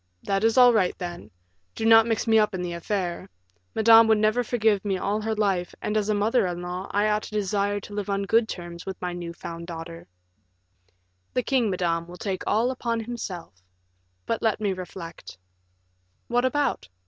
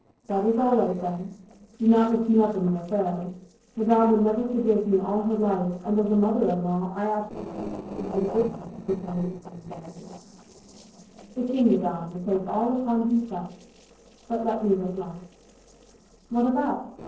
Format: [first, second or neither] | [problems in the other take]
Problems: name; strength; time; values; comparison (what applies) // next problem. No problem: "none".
first | noise reduction (neural separator model SepFormer DNS4)